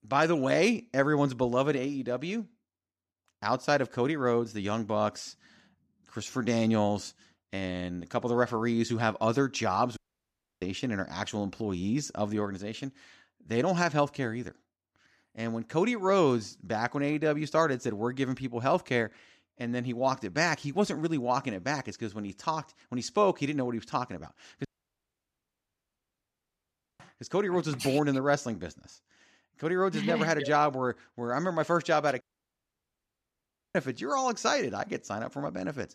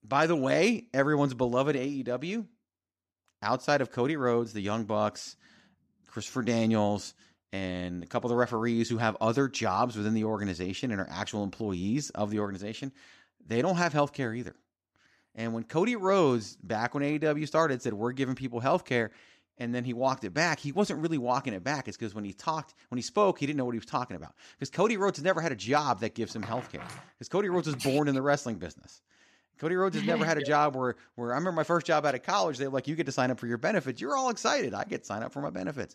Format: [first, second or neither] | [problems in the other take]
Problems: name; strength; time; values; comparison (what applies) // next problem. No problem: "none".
second | audio cutting out; at 10 s for 0.5 s, at 25 s for 2.5 s and at 32 s for 1.5 s